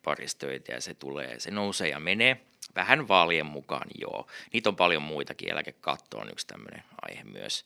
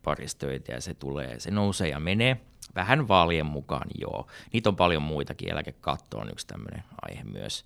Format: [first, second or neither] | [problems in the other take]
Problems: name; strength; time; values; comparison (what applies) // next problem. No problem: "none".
second | thin; very slightly; fading below 250 Hz